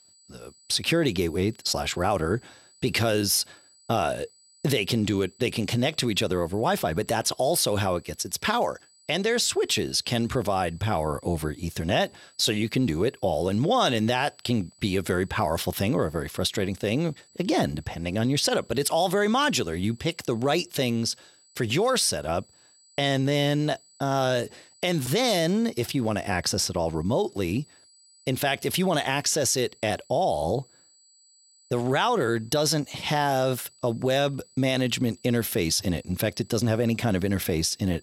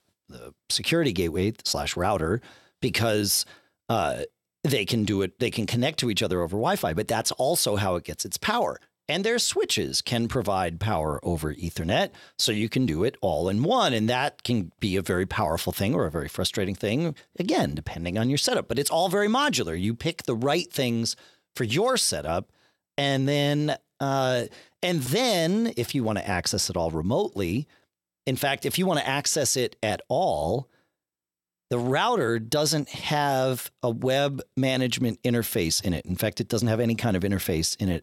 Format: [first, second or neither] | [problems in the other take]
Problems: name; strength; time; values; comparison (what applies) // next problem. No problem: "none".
second | high-pitched whine; faint; throughout; 8 kHz, 30 dB below the speech